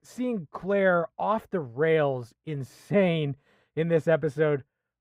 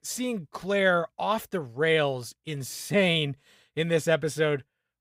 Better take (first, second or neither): second